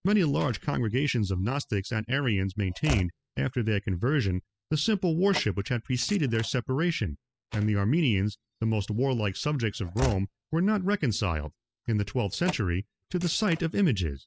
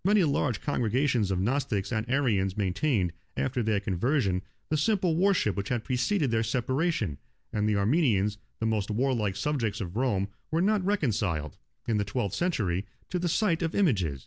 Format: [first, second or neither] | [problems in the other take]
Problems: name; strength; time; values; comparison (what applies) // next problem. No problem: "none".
second | noise reduction (classical method spectral subtraction)